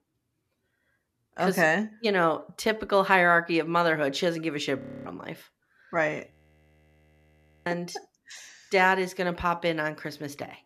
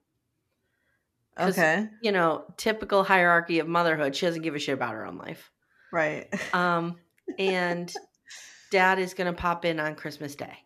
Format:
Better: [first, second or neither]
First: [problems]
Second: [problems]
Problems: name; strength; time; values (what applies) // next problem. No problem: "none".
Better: second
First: audio freezing; at 5 s and at 6.5 s for 1.5 s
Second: none